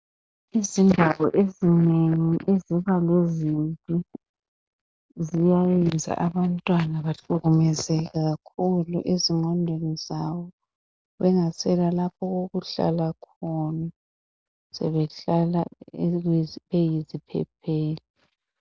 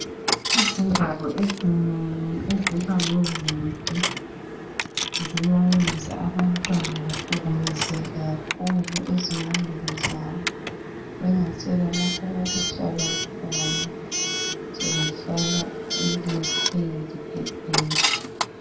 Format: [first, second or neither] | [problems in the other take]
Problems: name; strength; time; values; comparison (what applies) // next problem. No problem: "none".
first | background sound (Coin (dropping) / Alarm); 2 dB below the speech // room echo; dies away in 0.3 s